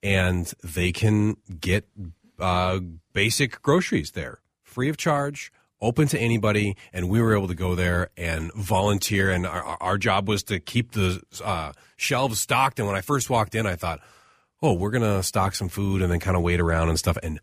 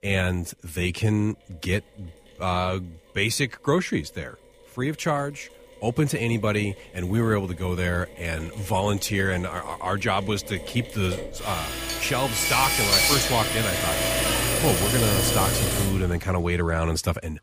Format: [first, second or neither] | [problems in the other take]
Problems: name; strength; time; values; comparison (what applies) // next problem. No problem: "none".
first | machinery noise; very loud; throughout; 3 dB above the speech